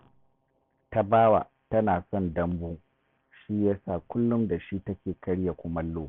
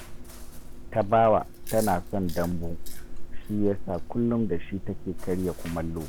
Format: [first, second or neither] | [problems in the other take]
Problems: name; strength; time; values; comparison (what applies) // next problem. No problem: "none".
first | background sound (Chewing, mastication); 4 dB below the speech